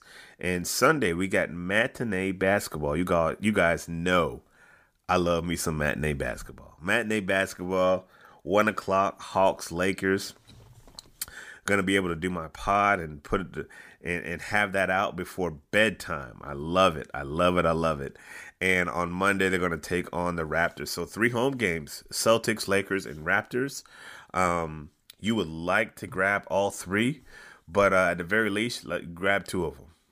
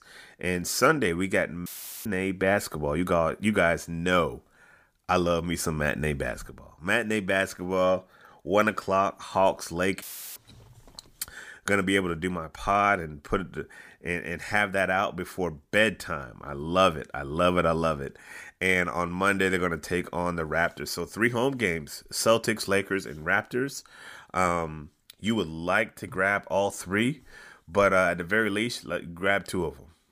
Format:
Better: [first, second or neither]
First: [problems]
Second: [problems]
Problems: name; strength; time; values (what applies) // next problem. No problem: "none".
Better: first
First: none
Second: audio cutting out; filled with static; at 1.5 s and at 10 s